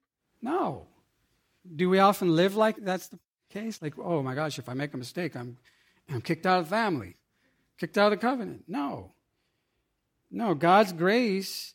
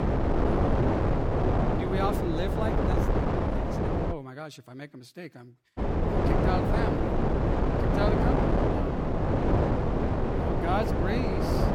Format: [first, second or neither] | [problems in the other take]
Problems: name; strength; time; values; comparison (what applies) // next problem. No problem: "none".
first | wind noise on the microphone; heavy; until 4 s and from 6 s on; 5 dB above the speech